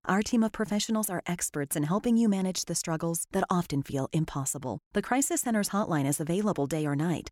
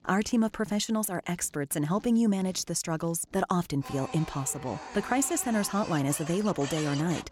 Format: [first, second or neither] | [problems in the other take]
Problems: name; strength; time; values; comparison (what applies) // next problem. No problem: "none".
first | household noises; noticeable; throughout; 10 dB below the speech